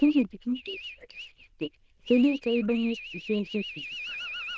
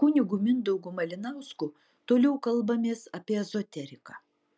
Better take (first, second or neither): second